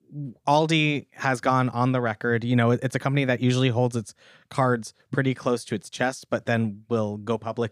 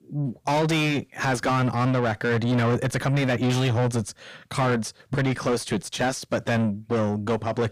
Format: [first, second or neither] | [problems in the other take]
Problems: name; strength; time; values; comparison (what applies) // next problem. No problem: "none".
first | distortion; heavy; 6 dB below the speech